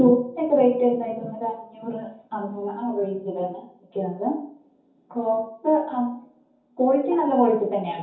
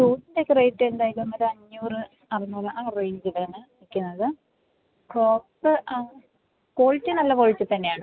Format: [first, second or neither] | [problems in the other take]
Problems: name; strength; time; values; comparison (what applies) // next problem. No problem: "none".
second | room echo; dies away in 0.6 s